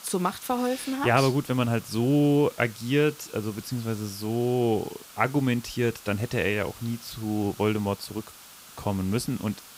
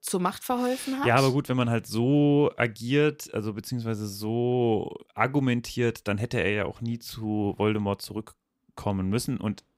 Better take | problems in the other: second | hiss; noticeable; throughout; 20 dB below the speech

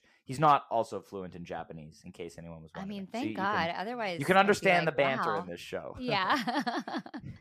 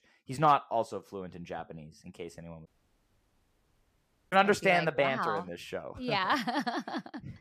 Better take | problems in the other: first | audio cutting out; at 2.5 s for 1.5 s

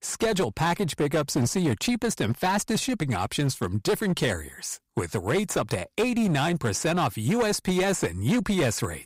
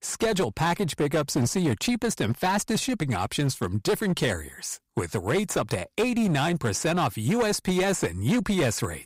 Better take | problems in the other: neither | distortion; slight; 14% of the sound clipped; the same in both

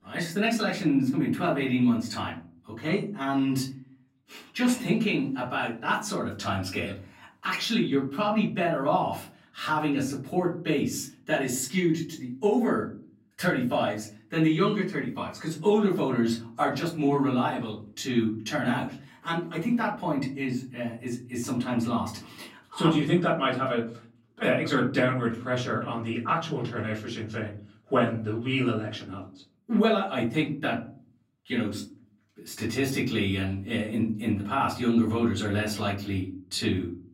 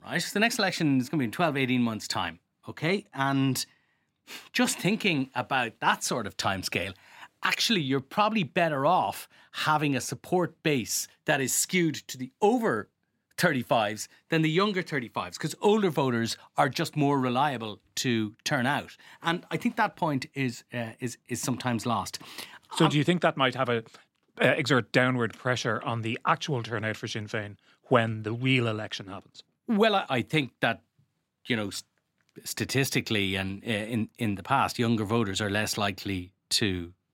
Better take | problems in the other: second | room echo; slight; dies away in 0.5 s // off-mic speech; far

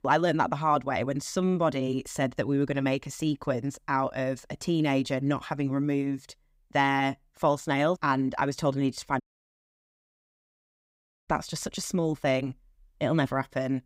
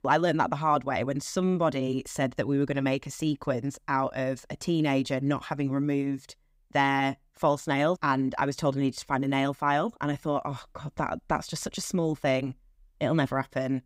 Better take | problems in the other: second | audio cutting out; at 9 s for 2 s

